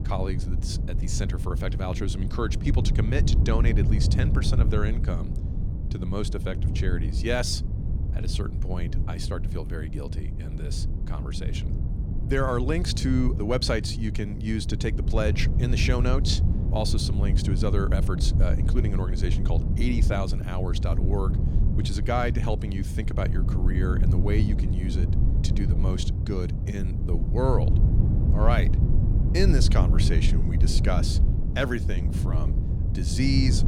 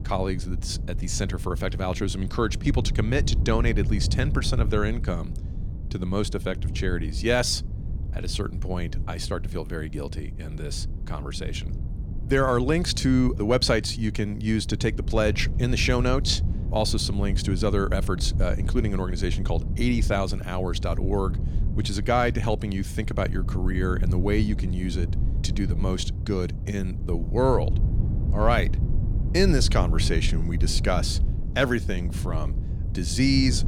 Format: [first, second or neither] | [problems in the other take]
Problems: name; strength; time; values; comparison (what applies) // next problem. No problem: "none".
second | wind noise on the microphone; heavy; 7 dB below the speech; occasional gusts in the second